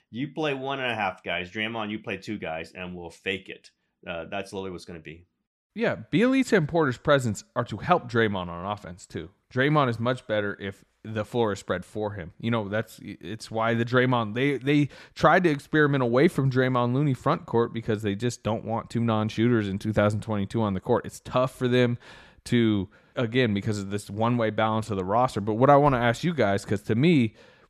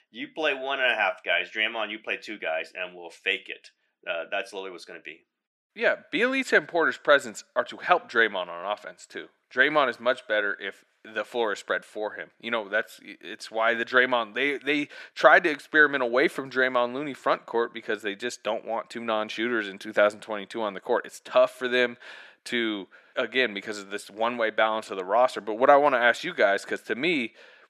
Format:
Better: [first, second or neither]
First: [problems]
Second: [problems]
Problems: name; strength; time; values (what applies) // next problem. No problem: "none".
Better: first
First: none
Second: thin; somewhat; fading below 300 Hz